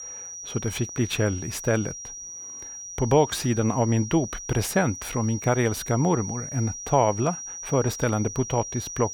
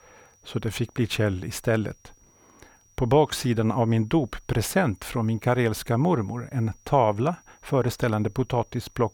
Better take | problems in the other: second | high-pitched whine; loud; throughout; 6 kHz, 9 dB below the speech; faint in the second

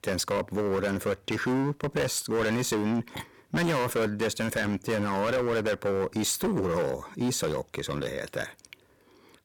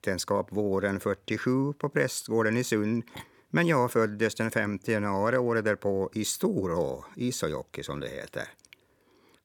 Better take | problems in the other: second | distortion; heavy; 17% of the sound clipped

